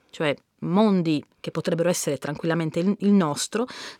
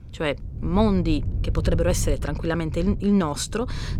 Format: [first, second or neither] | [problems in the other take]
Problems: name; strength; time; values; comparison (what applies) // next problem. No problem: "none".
first | wind noise on the microphone; occasional gusts; 15 dB below the speech